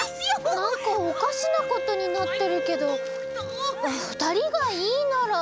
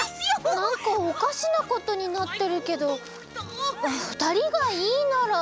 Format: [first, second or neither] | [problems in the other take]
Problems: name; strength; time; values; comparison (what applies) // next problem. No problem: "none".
second | background sound (Wind instrument, woodwind instrument); 6 dB below the speech